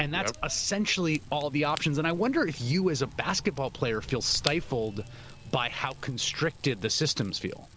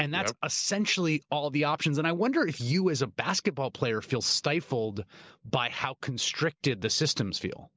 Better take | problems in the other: second | background sound (Fire / Rain); 14 dB below the speech

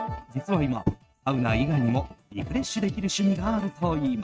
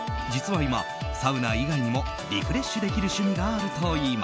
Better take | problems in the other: second | noise reduction (neural mask model RNNoise)

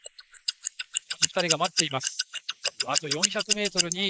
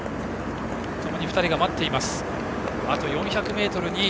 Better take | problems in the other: second | noise reduction (neural mask model Resemble Enhance denoiser)

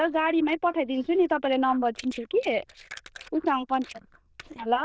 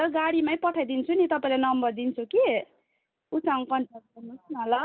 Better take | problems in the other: second | noise reduction (neural diffusion model UNIVERSE++)

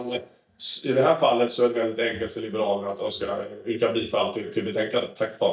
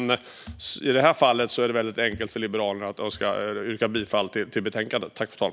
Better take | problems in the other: second | noise reduction (neural mask model DeepFilterNet 3)

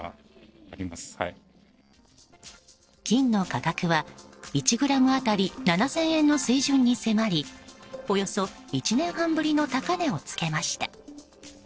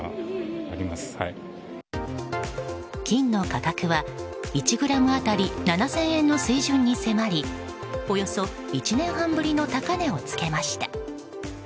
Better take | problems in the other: second | noise reduction (neural separator model SepFormer DNS4)

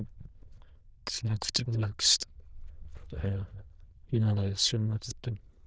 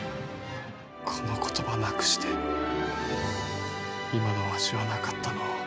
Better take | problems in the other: second | noise reduction (neural diffusion model UNIVERSE++)

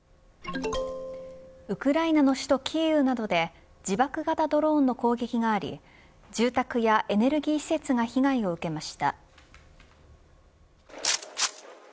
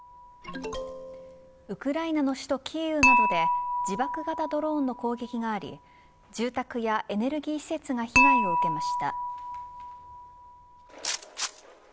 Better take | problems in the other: first | background sound (Dishes, pots, and pans / Chink, clink); 1 dB above the speech

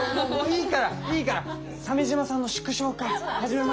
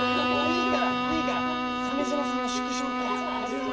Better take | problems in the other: first | background sound (Bowed string instrument); 4 dB above the speech // room echo; dies away in 1.8 s

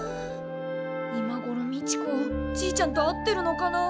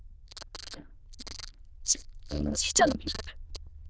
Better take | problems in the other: first | noise reduction (neural diffusion model UNIVERSE++)

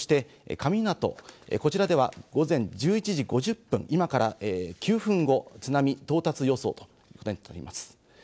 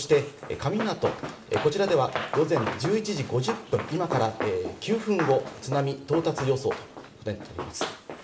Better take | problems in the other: first | background sound (Run); 8 dB below the speech // room echo; dies away in 1.6 s

